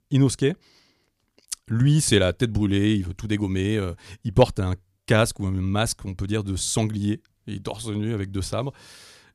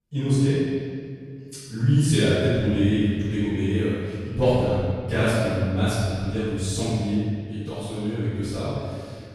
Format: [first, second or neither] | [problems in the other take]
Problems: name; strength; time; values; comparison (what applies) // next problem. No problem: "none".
first | room echo; strong; dies away in 1.9 s // off-mic speech; far